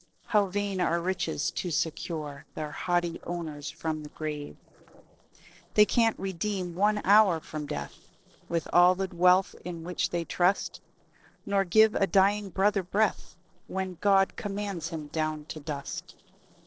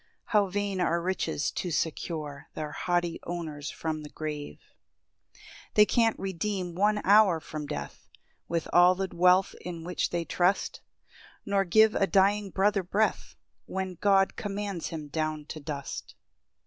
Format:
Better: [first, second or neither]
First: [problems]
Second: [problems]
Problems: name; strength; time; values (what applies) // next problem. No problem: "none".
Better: second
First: noise reduction (neural separator model SepFormer DNS4)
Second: none